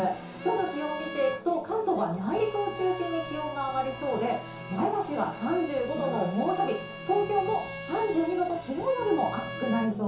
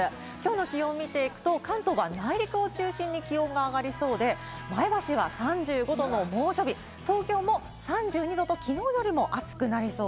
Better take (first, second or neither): second